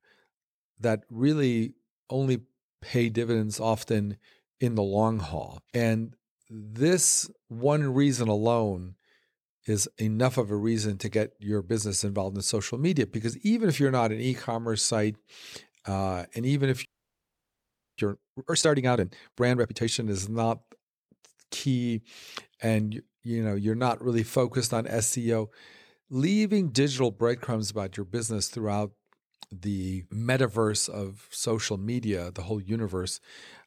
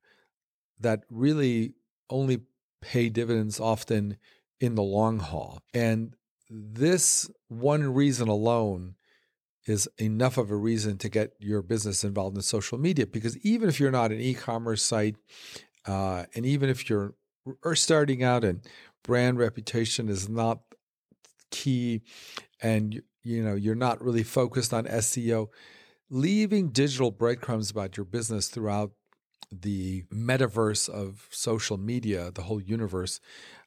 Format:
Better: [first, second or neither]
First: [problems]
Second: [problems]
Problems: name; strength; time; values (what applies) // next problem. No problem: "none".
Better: second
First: audio freezing; at 17 s for 1 s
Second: none